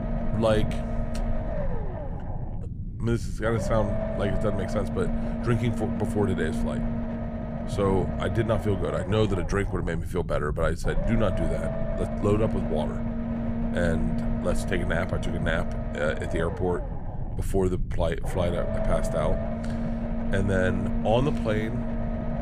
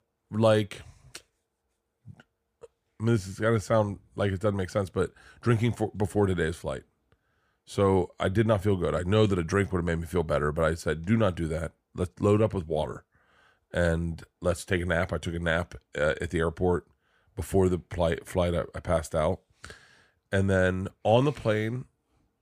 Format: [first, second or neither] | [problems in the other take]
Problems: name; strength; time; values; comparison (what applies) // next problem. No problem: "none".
second | low rumble; loud; throughout; 5 dB below the speech